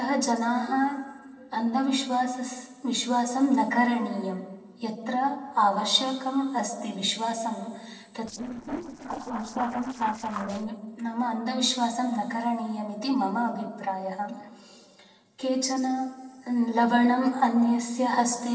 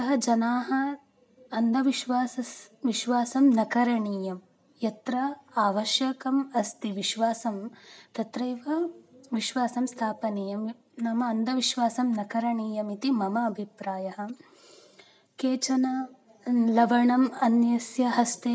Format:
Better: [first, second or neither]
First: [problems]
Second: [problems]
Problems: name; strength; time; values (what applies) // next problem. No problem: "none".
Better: second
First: noise reduction (neural separator model SepFormer DNS4)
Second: none